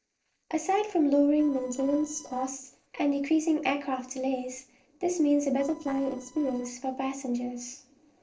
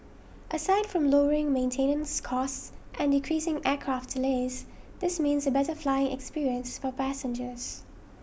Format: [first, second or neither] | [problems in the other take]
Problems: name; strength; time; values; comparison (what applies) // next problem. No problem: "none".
second | noise reduction (neural separator model SepFormer DNS4)